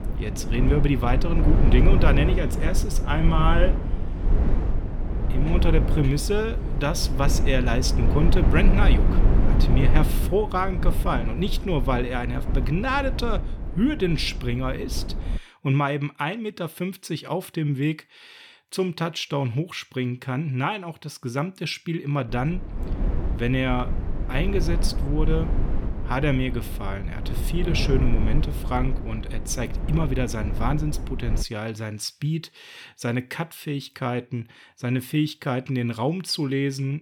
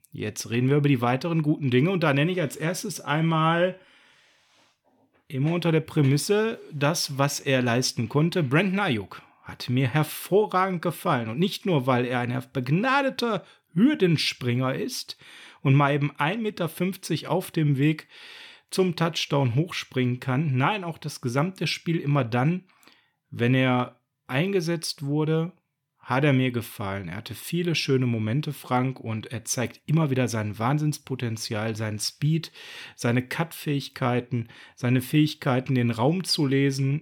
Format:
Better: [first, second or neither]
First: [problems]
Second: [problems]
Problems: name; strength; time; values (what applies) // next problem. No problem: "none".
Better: second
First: low rumble; loud; until 15 s and from 22 to 31 s; 8 dB below the speech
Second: none